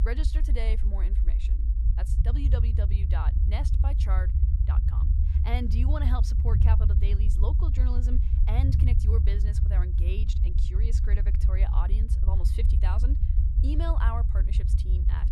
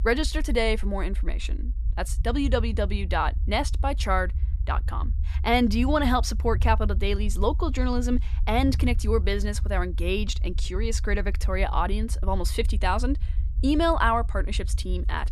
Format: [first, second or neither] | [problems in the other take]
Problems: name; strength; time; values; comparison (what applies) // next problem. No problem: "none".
second | low rumble; loud; throughout; 3 dB below the speech; faint in the second